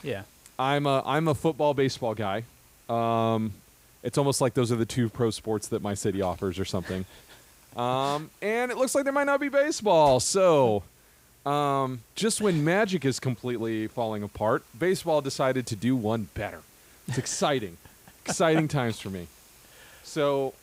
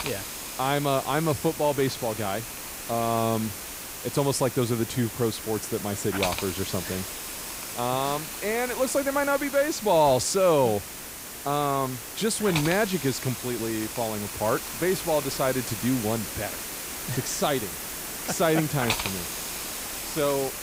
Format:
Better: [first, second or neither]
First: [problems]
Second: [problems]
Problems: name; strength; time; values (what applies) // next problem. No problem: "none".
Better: first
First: hiss; faint; throughout; 30 dB below the speech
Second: hiss; loud; throughout; 6 dB below the speech